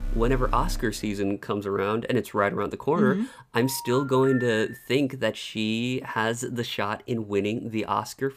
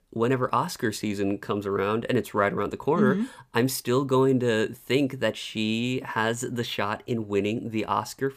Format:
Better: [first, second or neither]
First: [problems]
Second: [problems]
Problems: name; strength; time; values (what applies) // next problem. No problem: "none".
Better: second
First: alarm; noticeable; until 1 s; peak 7 dB below the speech // phone ringing; noticeable; from 3.5 to 5 s; peak 7 dB below the speech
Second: none